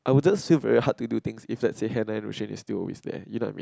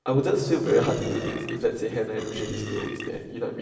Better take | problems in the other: first | background sound (Burping, eructation); 9 dB below the speech // room echo; dies away in 2.6 s

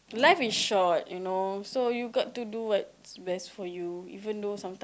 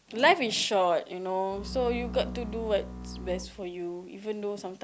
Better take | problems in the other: first | background sound (Bowed string instrument); 10 dB below the speech

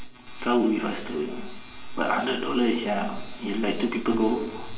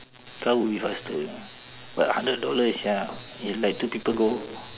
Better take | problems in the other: second | room echo; dies away in 0.8 s

